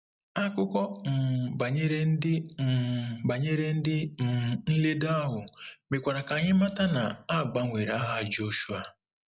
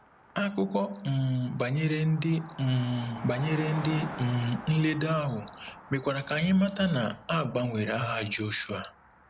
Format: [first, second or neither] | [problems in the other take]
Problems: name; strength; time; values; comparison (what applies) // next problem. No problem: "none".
first | background sound (Car passing by); 16 dB below the speech